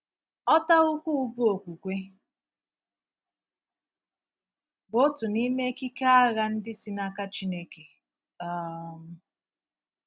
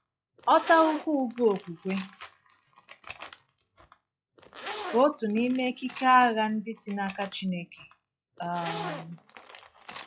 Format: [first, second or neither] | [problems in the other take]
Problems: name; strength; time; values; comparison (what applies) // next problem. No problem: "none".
first | noise reduction (classical method log-MMSE)